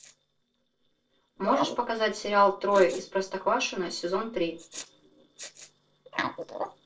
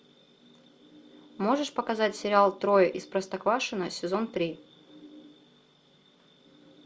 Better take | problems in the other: second | noise reduction (neural separator model SepFormer DNS4)

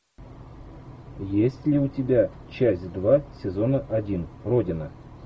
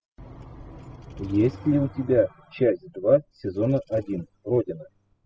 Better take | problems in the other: first | noise reduction (classical method spectral subtraction)

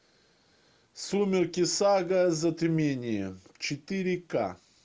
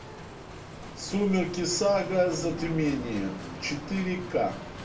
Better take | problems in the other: first | background sound (Bicycle); 11 dB below the speech // room echo; dies away in 0.3 s

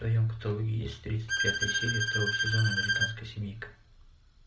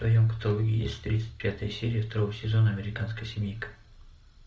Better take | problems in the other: second | background sound (Bowed string instrument); 2 dB above the speech

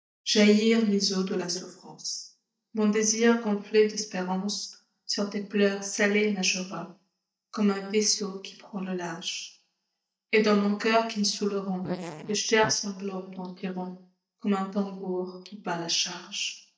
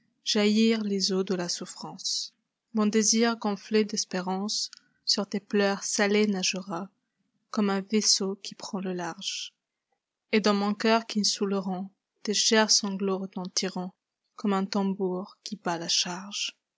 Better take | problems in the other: second | noise reduction (neural mask model DeepFilterNet 3)

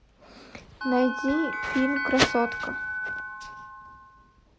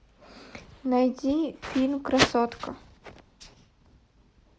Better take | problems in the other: second | background sound (Bell); 4 dB below the speech

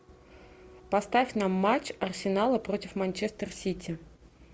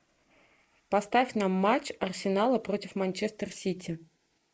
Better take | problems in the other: first | noise reduction (neural mask model Resemble Enhance denoiser)

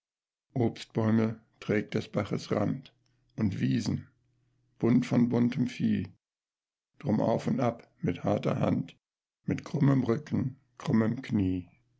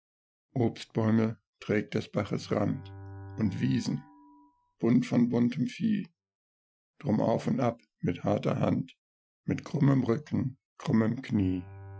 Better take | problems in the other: first | noise reduction (classical method Wiener filter)

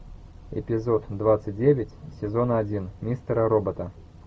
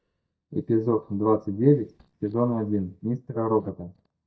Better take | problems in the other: first | noise reduction (neural mask model DeepFilterNet 3)

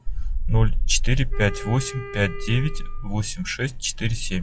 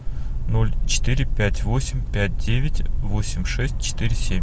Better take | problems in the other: second | noise reduction (classical method log-MMSE)

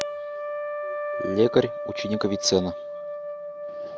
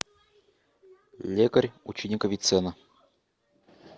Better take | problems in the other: second | background sound (Trumpet); 4 dB below the speech

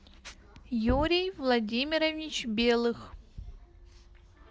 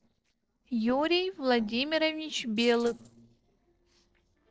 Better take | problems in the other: first | noise reduction (neural separator model SepFormer DNS4)

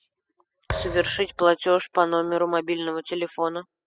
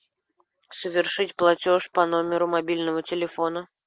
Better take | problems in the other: second | noise reduction (classical method spectral subtraction)

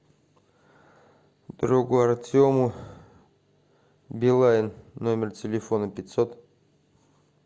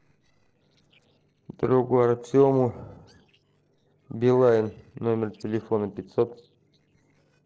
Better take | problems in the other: first | noise reduction (neural separator model SepFormer DNS4)

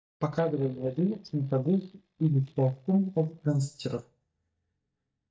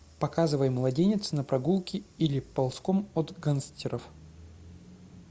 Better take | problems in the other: second | noise reduction (neural mask model DeepFilterNet 3)

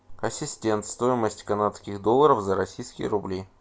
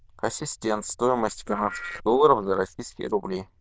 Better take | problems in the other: first | noise reduction (neural diffusion model UNIVERSE++)

